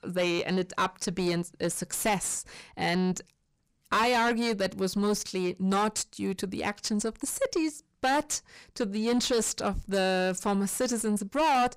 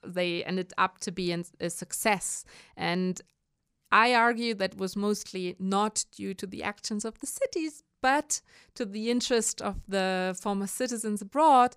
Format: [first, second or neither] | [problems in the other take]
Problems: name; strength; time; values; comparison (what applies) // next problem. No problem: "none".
second | distortion; heavy; 5 dB below the speech